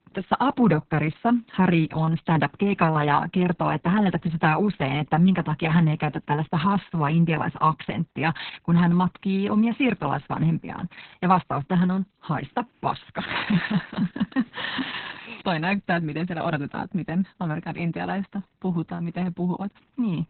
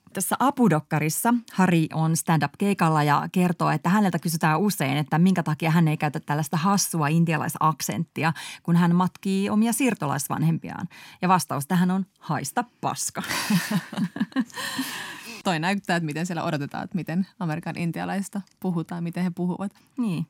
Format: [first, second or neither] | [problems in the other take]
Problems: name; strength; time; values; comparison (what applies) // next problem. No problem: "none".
second | garbled, watery; badly; nothing above 4 kHz